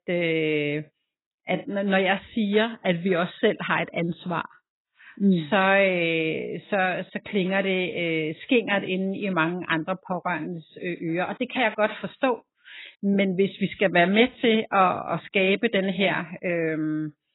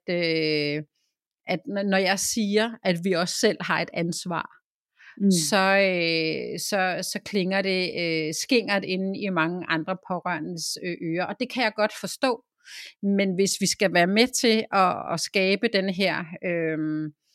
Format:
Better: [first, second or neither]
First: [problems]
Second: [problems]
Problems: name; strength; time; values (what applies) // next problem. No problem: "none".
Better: second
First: garbled, watery; badly; nothing above 4 kHz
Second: none